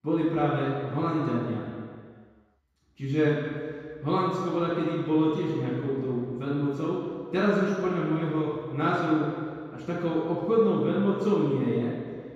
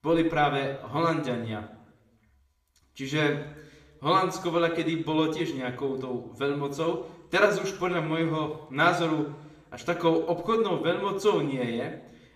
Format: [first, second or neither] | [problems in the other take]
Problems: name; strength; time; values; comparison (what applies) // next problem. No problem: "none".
second | room echo; strong; dies away in 2 s; slight in the second // off-mic speech; far; somewhat distant in the second